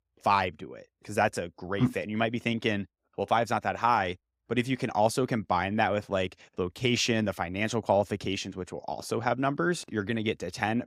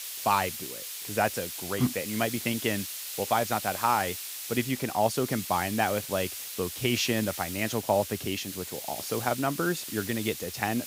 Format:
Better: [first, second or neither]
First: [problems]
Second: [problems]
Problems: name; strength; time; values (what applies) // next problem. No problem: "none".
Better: first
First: none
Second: hiss; loud; throughout; 6 dB below the speech